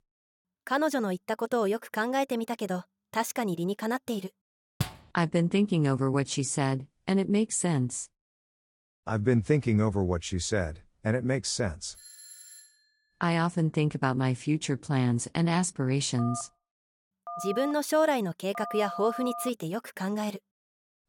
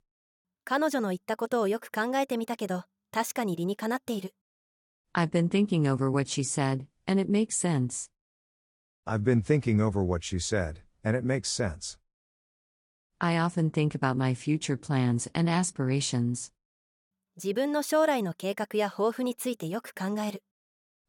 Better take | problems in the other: second | door banging; noticeable; at 5 s; peak 7 dB below the speech // doorbell; faint; at 12 s; peak 15 dB below the speech // phone ringing; noticeable; from 16 to 20 s; peak 8 dB below the speech

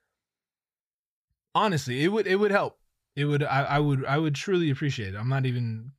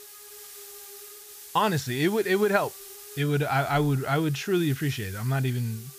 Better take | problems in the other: first | hiss; noticeable; throughout; 15 dB below the speech

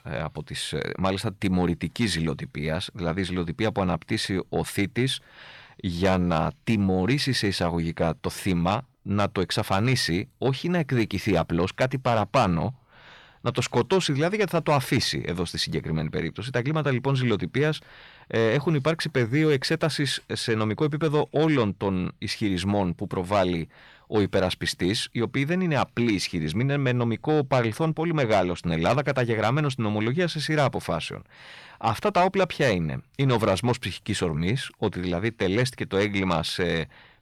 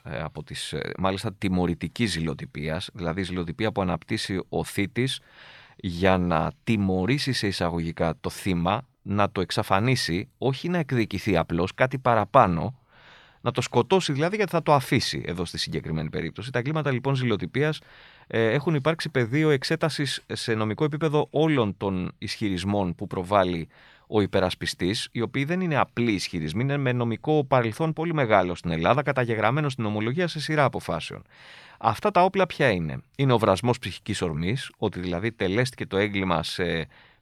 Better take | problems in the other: second | distortion; slight; 10 dB below the speech

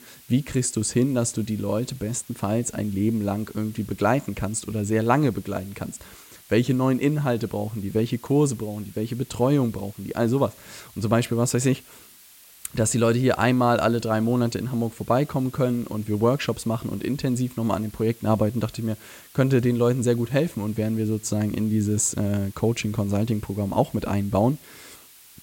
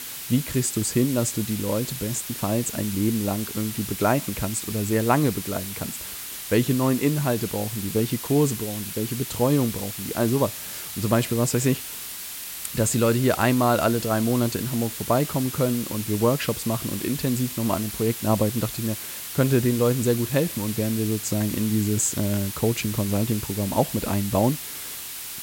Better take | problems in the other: first | hiss; loud; throughout; 7 dB below the speech; faint in the first

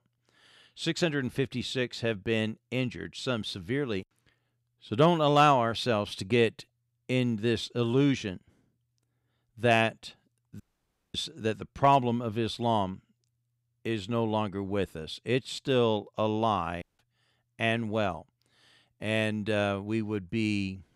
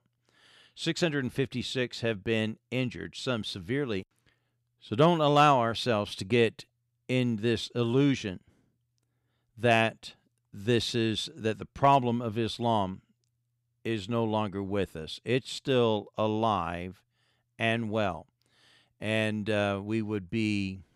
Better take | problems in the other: second | audio cutting out; at 11 s for 0.5 s and at 17 s

